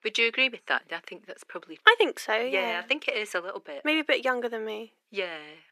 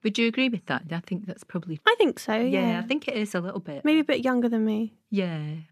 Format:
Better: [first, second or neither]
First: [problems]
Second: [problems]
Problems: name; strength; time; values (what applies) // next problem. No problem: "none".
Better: second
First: thin; very; fading below 400 Hz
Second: none